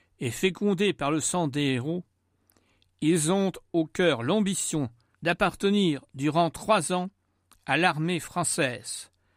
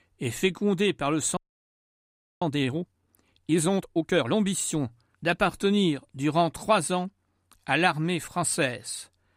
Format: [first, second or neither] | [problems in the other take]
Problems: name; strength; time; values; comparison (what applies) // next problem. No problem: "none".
first | audio freezing; at 1.5 s for 1 s